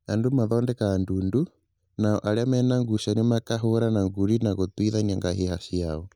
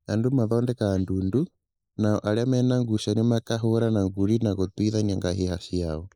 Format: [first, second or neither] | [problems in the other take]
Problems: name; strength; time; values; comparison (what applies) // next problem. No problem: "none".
first | noise reduction (neural mask model Resemble Enhance denoiser)